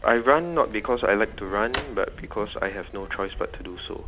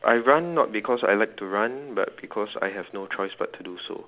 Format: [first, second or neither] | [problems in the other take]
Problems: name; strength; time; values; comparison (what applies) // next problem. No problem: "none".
second | background sound (Drawer open or close + Bird); 13 dB below the speech